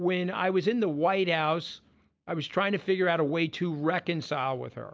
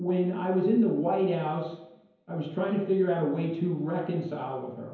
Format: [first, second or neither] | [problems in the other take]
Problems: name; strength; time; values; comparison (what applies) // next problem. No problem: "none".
first | room echo; dies away in 0.9 s